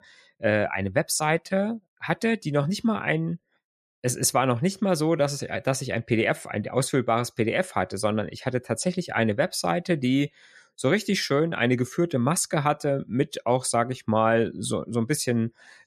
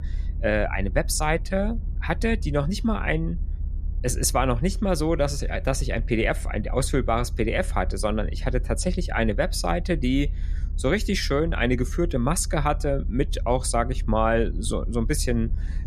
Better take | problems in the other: first | low rumble; faint; throughout; 25 dB below the speech

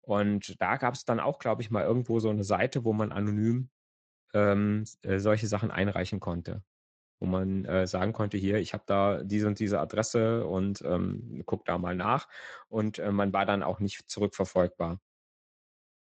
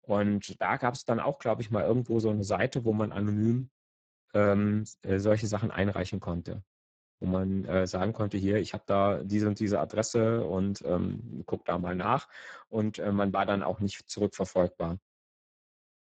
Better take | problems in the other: first | garbled, watery; badly; nothing above 7.5 kHz; slightly in the first

